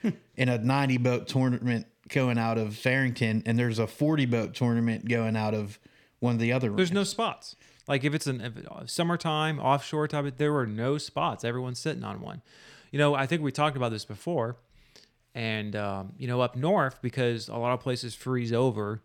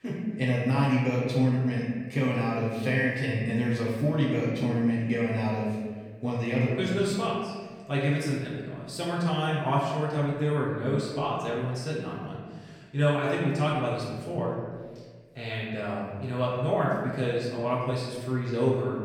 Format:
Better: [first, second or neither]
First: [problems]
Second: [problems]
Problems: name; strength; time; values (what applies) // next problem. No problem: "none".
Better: first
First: none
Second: room echo; noticeable; dies away in 1.4 s // off-mic speech; far